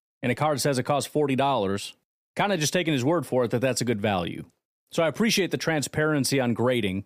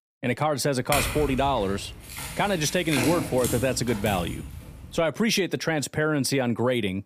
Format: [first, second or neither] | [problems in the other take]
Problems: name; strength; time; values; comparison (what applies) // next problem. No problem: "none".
first | clattering dishes; noticeable; from 1 to 5 s; peak 1 dB below the speech